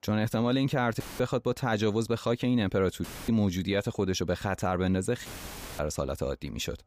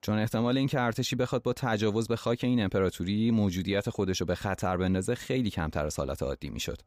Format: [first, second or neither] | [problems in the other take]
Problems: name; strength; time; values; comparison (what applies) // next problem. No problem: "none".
second | audio cutting out; filled with static; at 1 s, at 3 s and at 5.5 s for 0.5 s